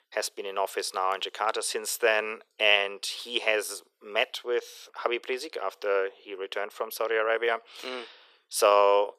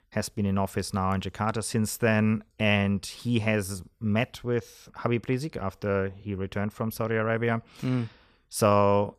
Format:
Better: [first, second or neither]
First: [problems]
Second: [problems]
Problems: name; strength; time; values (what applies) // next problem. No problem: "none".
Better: second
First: thin; very; fading below 400 Hz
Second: none